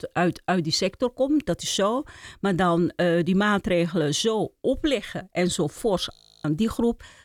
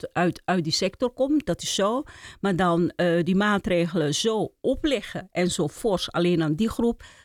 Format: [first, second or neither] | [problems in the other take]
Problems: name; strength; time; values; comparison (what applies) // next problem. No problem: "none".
second | audio freezing; at 6 s